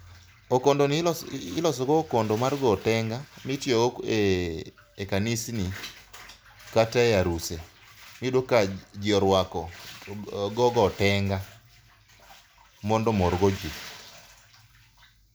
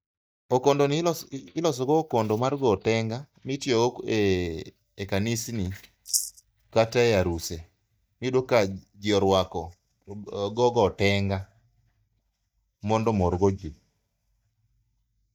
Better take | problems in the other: first | noise reduction (neural mask model DeepFilterNet 3)

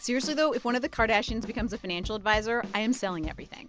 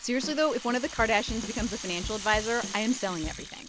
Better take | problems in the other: first | background sound (Rattle (instrument)); 12 dB below the speech

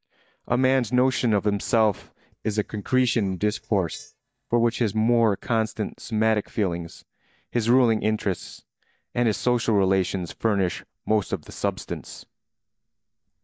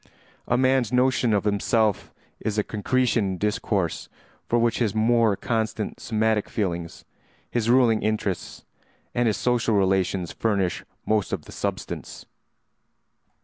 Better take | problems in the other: second | noise reduction (neural mask model DeepFilterNet 3)

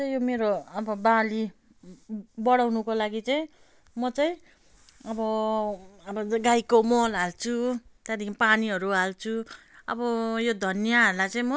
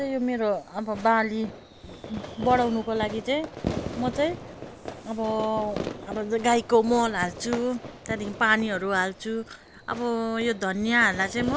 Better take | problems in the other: first | background sound (Fireworks); 11 dB below the speech

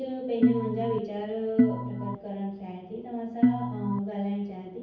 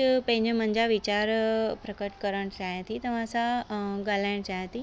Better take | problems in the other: second | background sound (Organ); 4 dB above the speech // room echo; dies away in 0.9 s

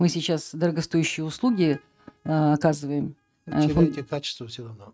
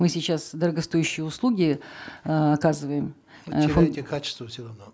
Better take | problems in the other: second | noise reduction (neural mask model RNNoise)

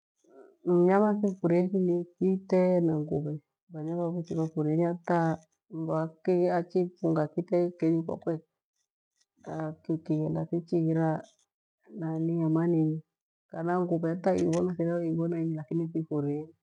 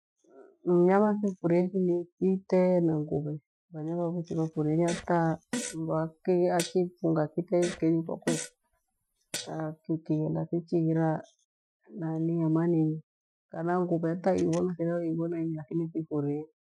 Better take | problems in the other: first | noise reduction (classical method Wiener filter)

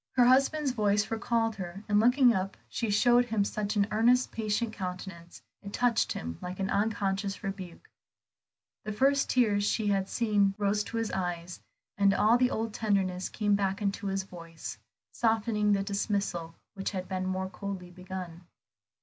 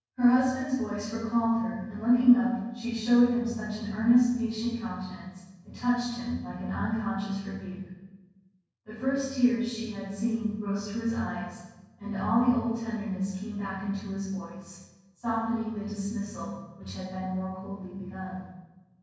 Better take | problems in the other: first | room echo; dies away in 1.3 s

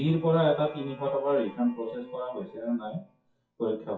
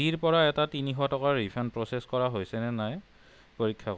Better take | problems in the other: second | noise reduction (classical method WPE with log-MMSE)

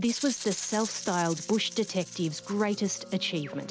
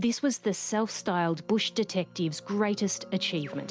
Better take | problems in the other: second | background sound (Rattle (instrument)); 12 dB below the speech

